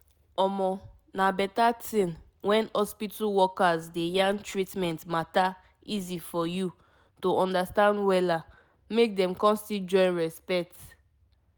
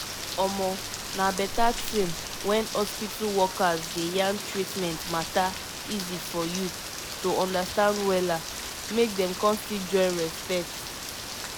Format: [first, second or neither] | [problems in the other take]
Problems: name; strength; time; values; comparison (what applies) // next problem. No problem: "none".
first | background sound (Rain); 6 dB below the speech